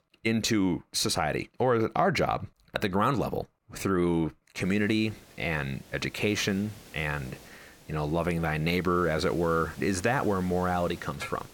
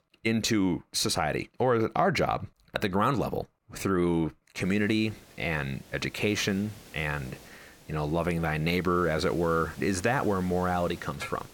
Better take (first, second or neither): neither